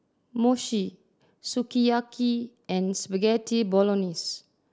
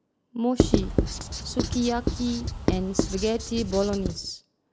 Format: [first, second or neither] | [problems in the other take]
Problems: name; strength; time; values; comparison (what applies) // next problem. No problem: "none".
first | background sound (Writing); 1 dB above the speech